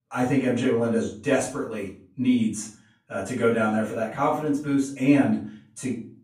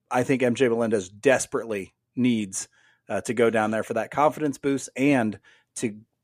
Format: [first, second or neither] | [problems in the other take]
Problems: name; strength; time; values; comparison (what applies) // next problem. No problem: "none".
second | off-mic speech; far // room echo; noticeable; dies away in 0.4 s